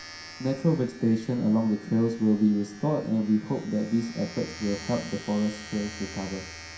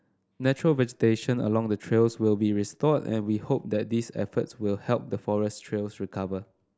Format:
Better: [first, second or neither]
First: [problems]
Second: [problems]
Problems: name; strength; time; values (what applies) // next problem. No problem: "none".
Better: second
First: background sound (Domestic sounds, home sounds); 17 dB below the speech // room echo; dies away in 0.5 s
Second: none